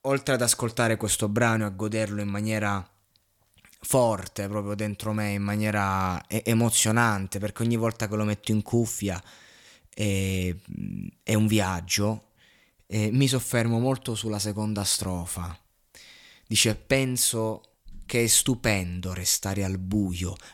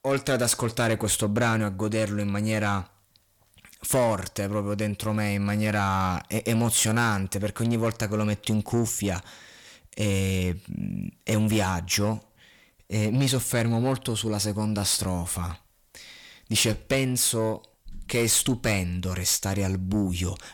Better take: first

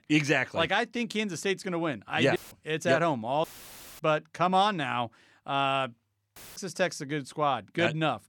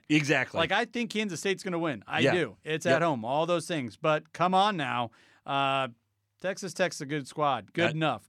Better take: second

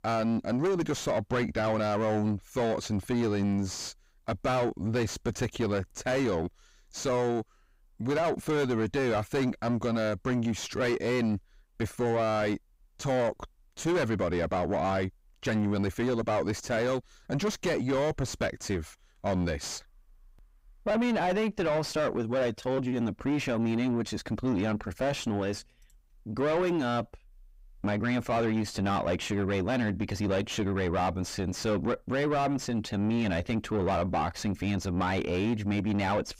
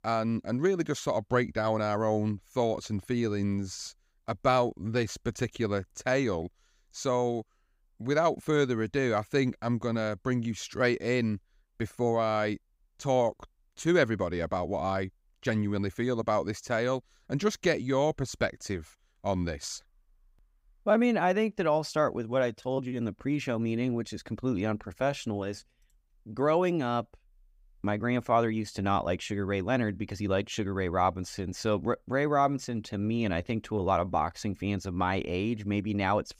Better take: second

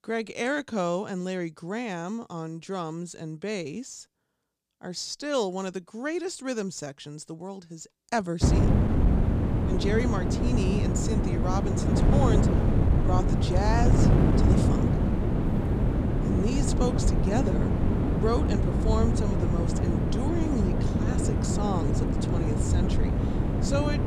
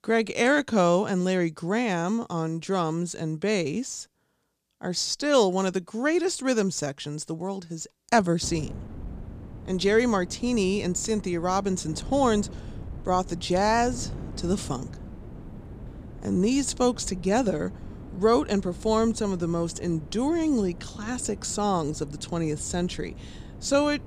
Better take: second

